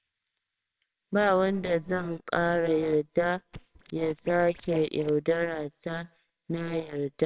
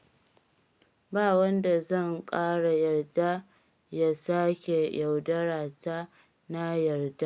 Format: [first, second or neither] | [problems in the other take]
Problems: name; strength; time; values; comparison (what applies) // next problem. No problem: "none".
second | noise reduction (neural separator model SepFormer WHAMR!)